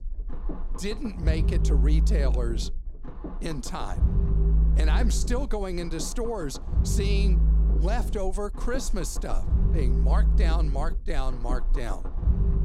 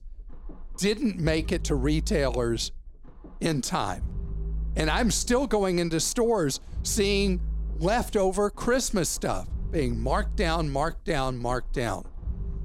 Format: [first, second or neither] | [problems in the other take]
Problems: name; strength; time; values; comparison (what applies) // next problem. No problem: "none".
second | low rumble; loud; throughout; 8 dB below the speech; faint in the second